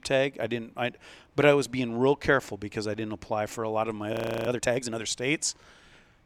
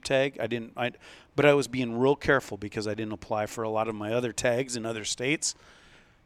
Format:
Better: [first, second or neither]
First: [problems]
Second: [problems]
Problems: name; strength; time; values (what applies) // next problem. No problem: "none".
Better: second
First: audio freezing; at 4 s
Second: none